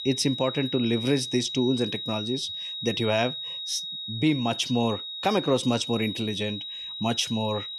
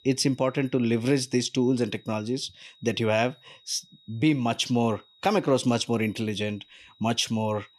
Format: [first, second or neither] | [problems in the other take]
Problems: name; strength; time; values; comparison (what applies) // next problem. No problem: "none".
second | high-pitched whine; loud; throughout; 4 kHz, 6 dB below the speech; faint in the second